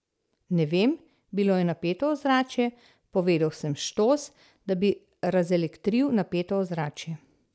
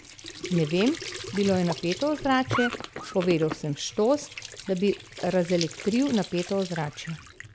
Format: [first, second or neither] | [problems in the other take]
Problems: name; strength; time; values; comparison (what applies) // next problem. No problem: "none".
first | background sound (Squeak / Trickle, dribble / Sink (filling or washing)); 10 dB below the speech